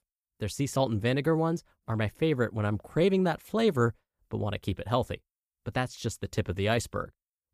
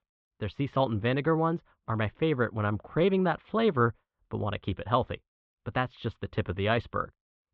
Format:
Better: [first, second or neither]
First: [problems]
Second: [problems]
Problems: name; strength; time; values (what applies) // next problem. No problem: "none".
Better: first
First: none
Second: muffled; very; fading above 3.5 kHz